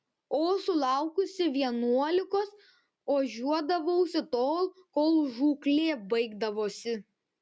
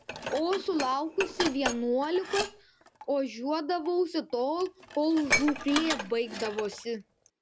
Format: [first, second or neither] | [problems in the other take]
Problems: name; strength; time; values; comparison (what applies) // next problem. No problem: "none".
first | background sound (Dishes, pots, and pans); 7 dB below the speech